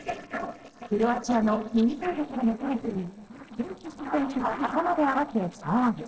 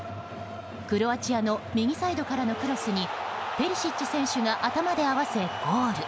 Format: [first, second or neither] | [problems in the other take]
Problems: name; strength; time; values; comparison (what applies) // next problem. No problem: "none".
second | noise reduction (neural separator model SepFormer DNS4)